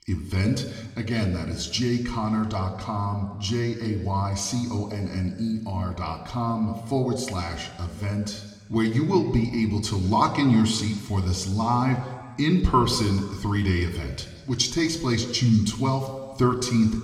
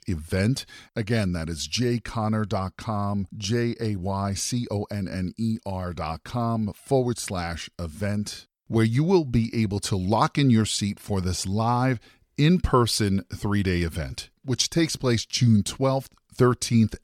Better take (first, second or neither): second